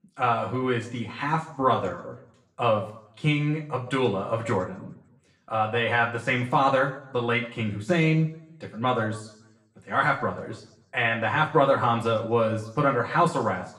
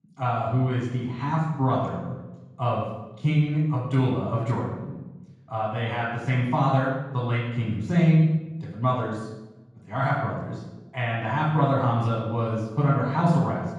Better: first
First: room echo; slight; dies away in 0.6 s // off-mic speech; far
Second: room echo; strong; dies away in 1.3 s // off-mic speech; far

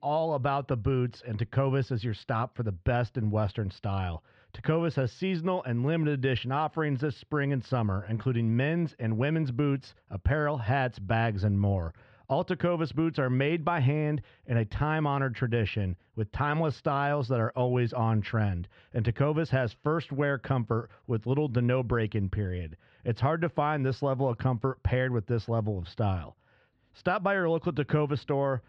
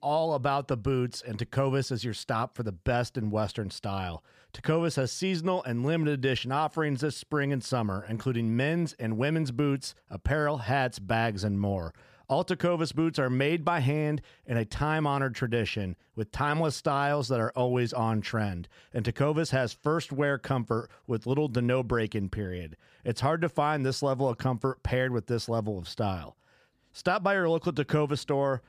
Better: second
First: muffled; slightly; fading above 3.5 kHz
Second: none

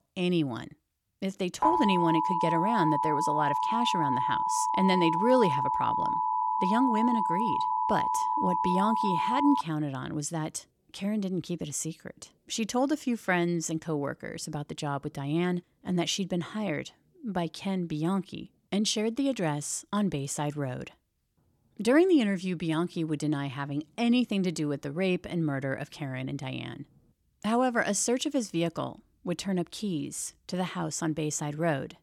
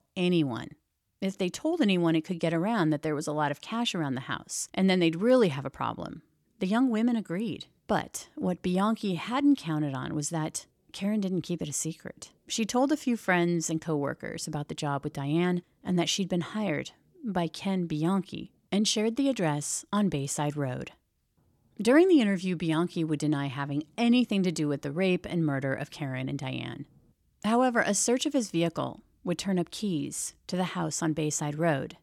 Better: second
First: alarm; loud; from 1.5 to 9.5 s; peak 4 dB above the speech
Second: none

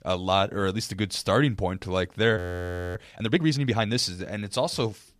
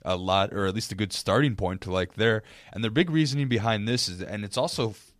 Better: second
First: audio freezing; at 2.5 s for 0.5 s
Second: none

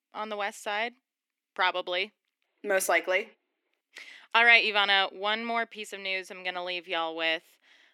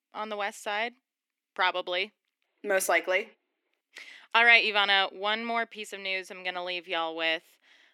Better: neither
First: thin; somewhat; fading below 300 Hz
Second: thin; somewhat; fading below 300 Hz

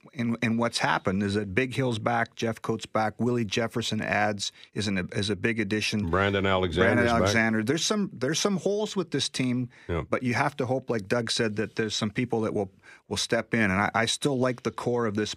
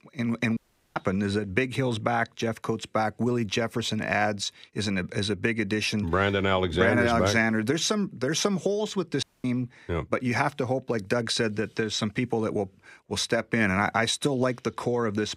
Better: first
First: none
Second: audio cutting out; at 0.5 s and at 9 s

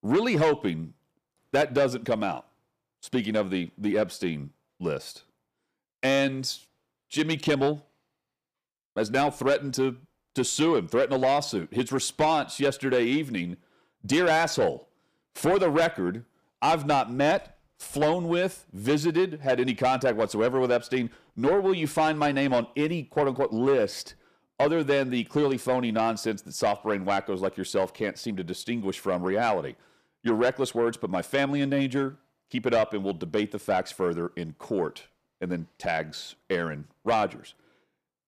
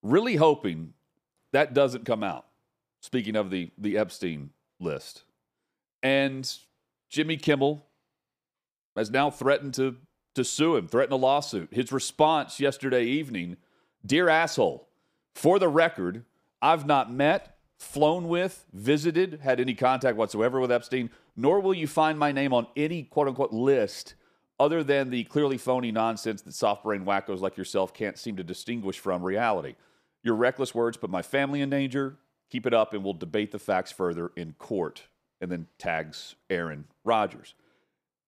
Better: second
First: distortion; slight; 10 dB below the speech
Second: none

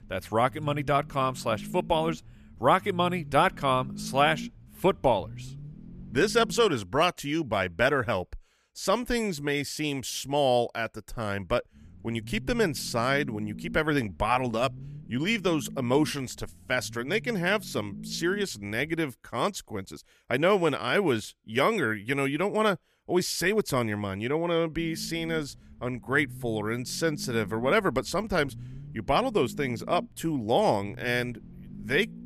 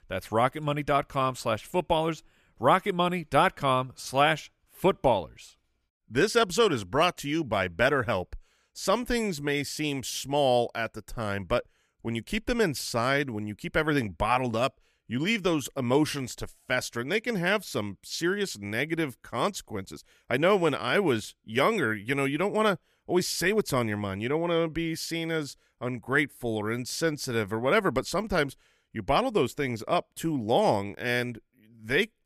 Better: second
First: low rumble; faint; until 6.5 s, from 12 to 19 s and from 25 s on; 25 dB below the speech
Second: none

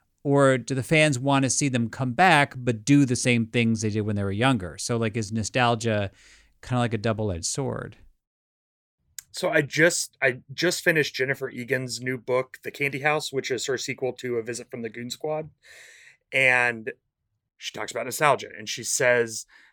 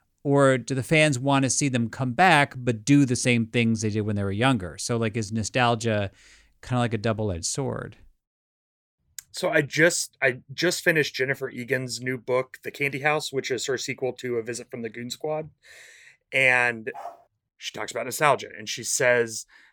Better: first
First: none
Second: dog barking; faint; at 17 s; peak 15 dB below the speech

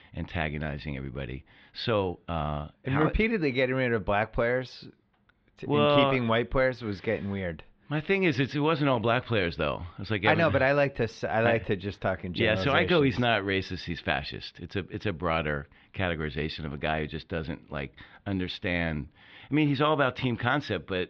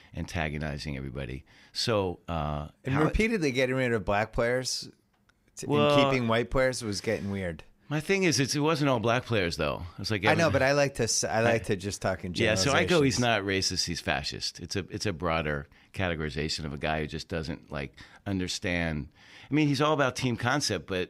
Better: second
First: muffled; very; fading above 3.5 kHz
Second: none

